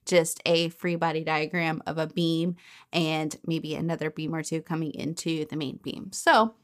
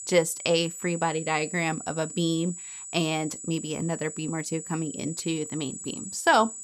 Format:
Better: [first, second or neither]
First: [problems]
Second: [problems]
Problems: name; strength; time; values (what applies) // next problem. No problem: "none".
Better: first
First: none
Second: high-pitched whine; loud; throughout; 8 kHz, 9 dB below the speech